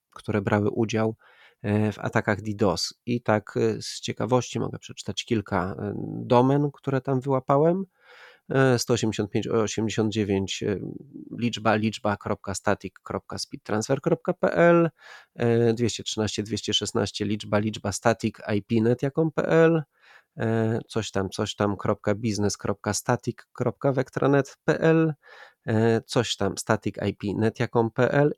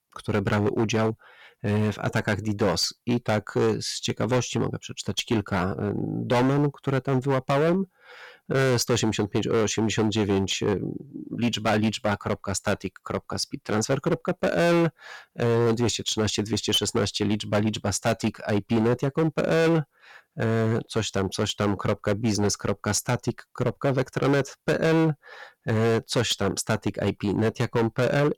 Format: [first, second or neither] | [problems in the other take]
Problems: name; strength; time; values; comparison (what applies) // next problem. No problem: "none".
first | distortion; heavy; 12% of the sound clipped